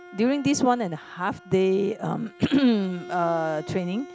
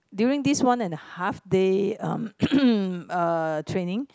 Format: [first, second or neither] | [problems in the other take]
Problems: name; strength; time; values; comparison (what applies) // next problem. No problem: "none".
second | background sound (Bowed string instrument); 20 dB below the speech